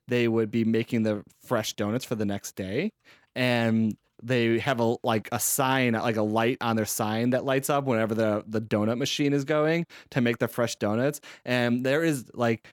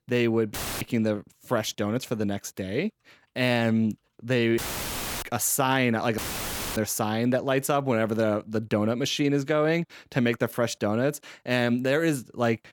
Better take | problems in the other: first | audio cutting out; filled with static; at 0.5 s, at 4.5 s for 0.5 s and at 6 s for 0.5 s

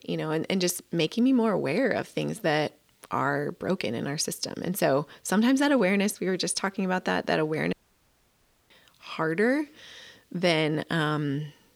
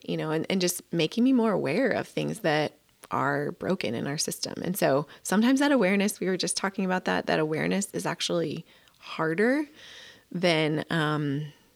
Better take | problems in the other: second | audio cutting out; at 7.5 s for 1 s

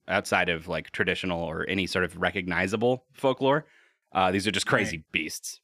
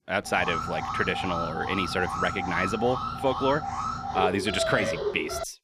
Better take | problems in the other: first | alarm; noticeable; peak 1 dB below the speech

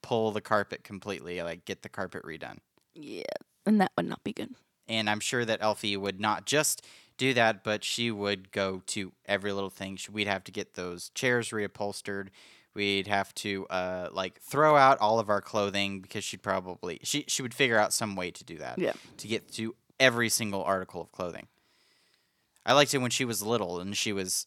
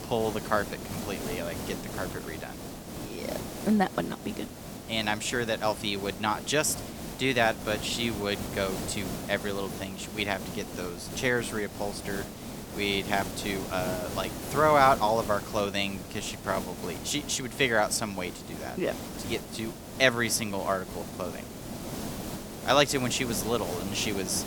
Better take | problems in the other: first | hiss; loud; throughout; 9 dB below the speech

